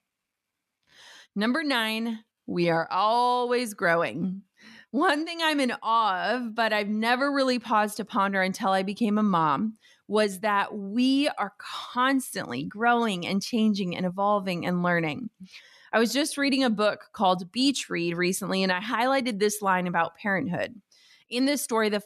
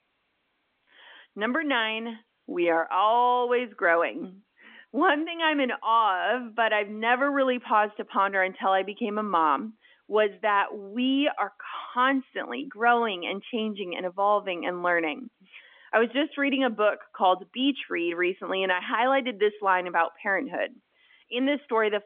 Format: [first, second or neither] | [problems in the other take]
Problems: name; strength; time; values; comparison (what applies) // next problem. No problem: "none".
first | phone-call audio; nothing above 3.5 kHz